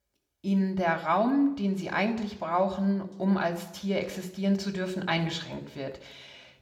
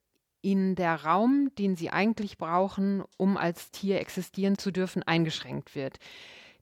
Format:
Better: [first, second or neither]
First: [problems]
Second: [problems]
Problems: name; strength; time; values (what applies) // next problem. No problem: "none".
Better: second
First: room echo; very slight; dies away in 0.6 s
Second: none